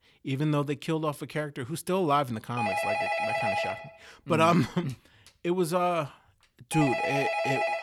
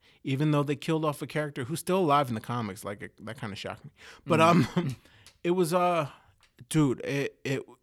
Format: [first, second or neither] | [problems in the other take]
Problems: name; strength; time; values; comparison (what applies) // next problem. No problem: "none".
second | phone ringing; loud; from 2.5 s on; peak 1 dB above the speech